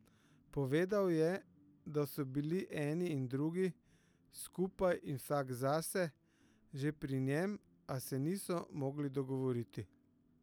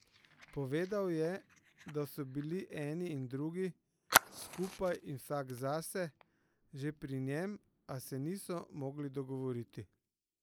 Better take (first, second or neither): first